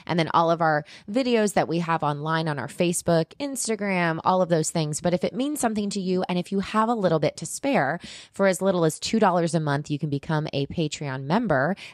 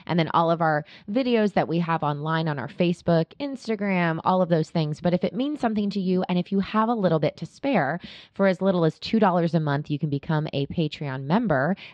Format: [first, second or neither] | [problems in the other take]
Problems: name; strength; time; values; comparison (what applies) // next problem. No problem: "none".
first | muffled; very slightly; fading above 4 kHz